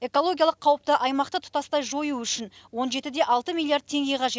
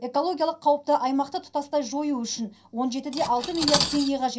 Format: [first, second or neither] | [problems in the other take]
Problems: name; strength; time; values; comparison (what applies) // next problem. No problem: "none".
first | background sound (Cutlery, silverware); 7 dB below the speech // room echo; dies away in 0.3 s